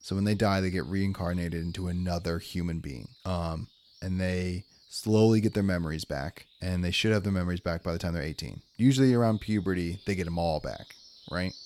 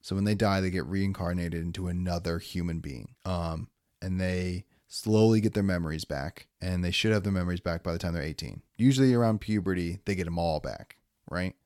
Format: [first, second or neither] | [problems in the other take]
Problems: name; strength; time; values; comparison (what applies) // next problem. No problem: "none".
second | animal sounds; faint; throughout; 25 dB below the speech